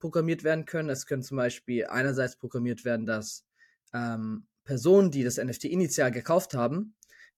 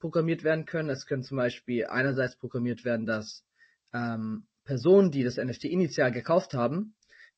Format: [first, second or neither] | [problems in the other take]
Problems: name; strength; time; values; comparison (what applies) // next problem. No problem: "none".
first | garbled, watery; slightly